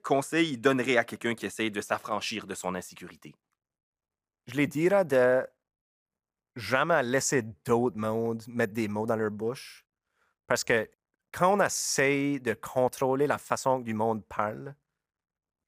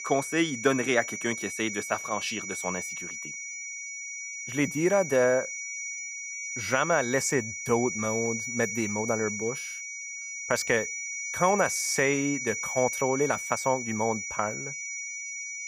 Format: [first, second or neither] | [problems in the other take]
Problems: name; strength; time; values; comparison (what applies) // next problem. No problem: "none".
first | high-pitched whine; loud; throughout; 2.5 kHz, 5 dB below the speech